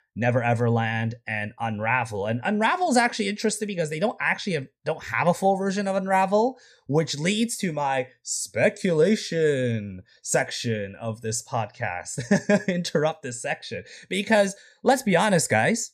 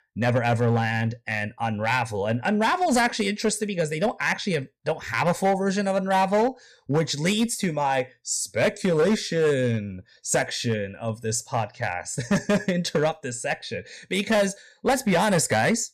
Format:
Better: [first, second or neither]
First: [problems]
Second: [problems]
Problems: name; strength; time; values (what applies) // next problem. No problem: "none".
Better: first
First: none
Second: distortion; slight; 6% of the sound clipped